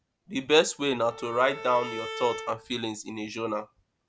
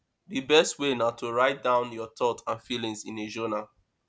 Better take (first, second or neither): second